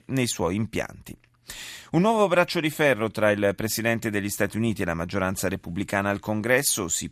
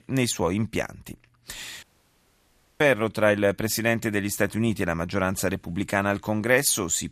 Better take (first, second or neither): first